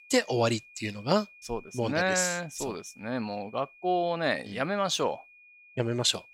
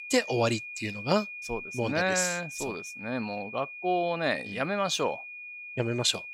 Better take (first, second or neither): first